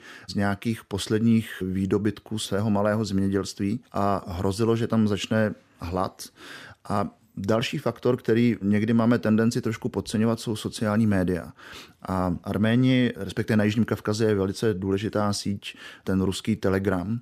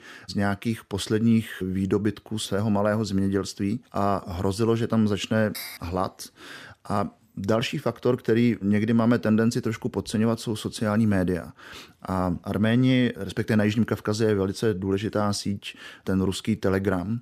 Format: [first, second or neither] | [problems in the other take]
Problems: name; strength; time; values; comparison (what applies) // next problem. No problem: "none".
first | clattering dishes; faint; at 5.5 s; peak 10 dB below the speech